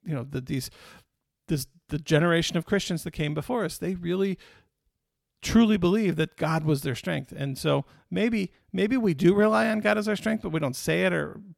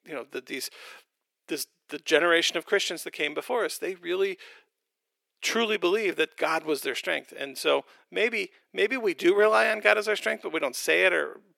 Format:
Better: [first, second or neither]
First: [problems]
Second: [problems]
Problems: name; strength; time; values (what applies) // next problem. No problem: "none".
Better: first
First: none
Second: thin; very; fading below 400 Hz